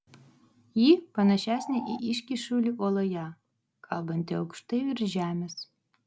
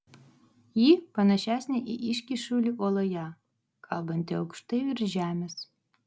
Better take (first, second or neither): second